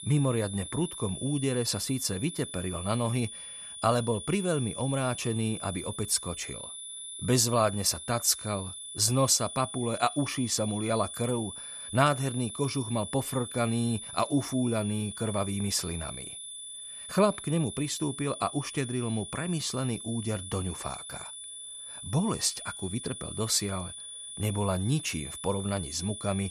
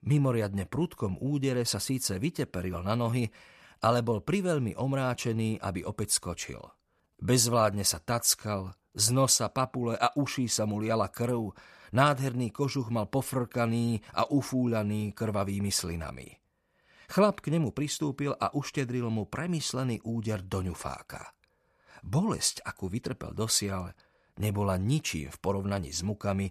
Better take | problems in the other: second | high-pitched whine; loud; throughout; 9.5 kHz, 9 dB below the speech

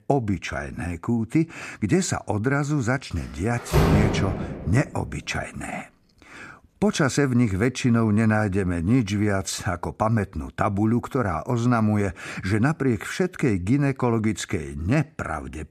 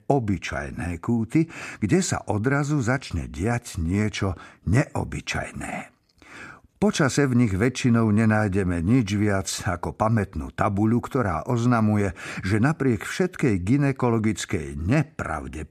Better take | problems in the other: second | door banging; loud; at 3.5 s; peak 4 dB above the speech

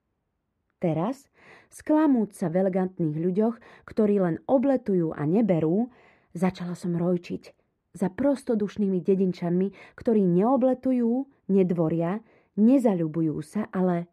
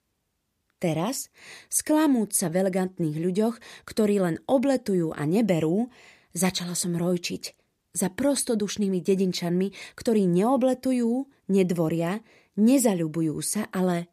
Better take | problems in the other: second | muffled; very; fading above 3 kHz

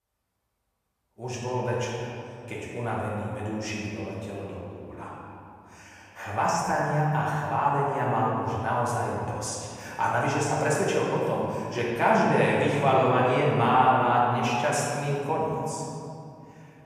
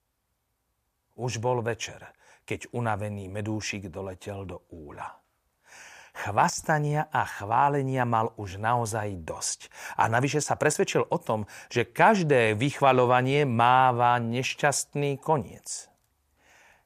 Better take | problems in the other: second | room echo; strong; dies away in 2.3 s // off-mic speech; far

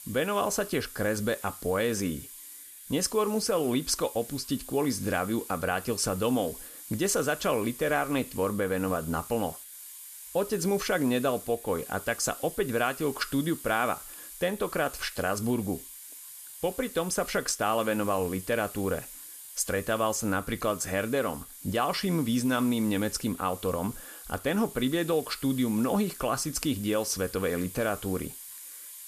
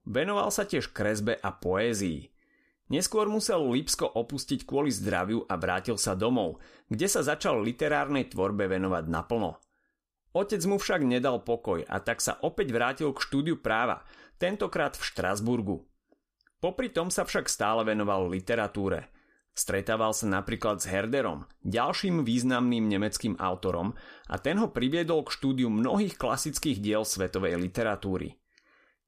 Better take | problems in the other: second | hiss; noticeable; throughout; 15 dB below the speech

